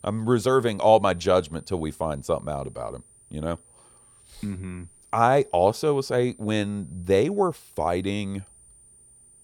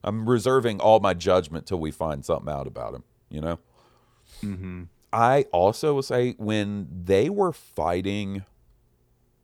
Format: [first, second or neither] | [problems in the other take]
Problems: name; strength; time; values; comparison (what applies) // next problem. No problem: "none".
second | high-pitched whine; faint; throughout; 9 kHz, 25 dB below the speech